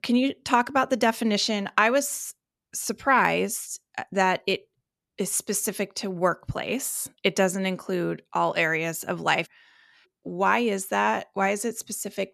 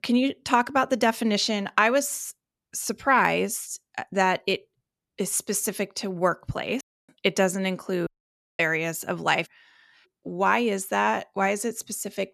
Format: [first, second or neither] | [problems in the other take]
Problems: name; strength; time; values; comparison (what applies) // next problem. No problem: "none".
first | audio cutting out; at 7 s and at 8 s for 0.5 s